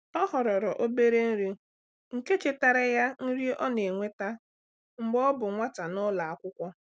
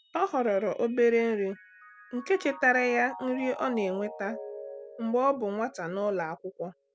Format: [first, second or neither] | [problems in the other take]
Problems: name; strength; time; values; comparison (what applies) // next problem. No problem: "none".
first | background sound (Mallet percussion); 17 dB below the speech